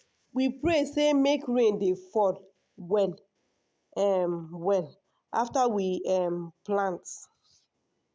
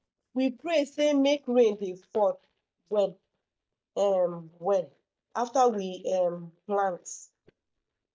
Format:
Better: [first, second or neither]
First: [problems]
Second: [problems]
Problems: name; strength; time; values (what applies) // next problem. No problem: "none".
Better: first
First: none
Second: noise reduction (neural mask model DeepFilterNet 3)